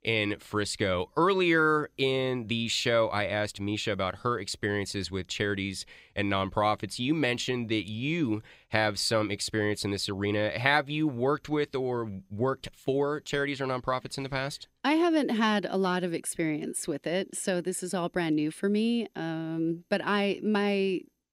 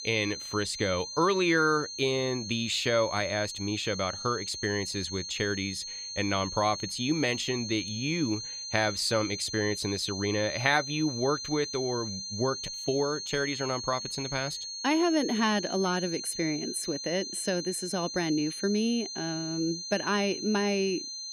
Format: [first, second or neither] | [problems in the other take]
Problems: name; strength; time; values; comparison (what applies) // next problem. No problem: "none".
first | high-pitched whine; loud; throughout; 4 kHz, 6 dB below the speech